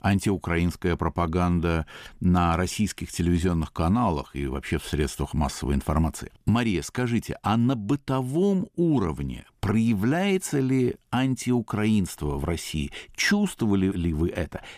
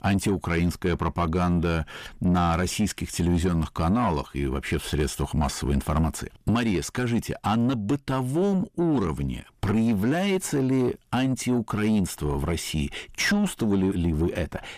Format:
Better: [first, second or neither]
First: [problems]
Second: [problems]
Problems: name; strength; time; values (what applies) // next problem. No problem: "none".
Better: first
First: none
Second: distortion; slight; 10 dB below the speech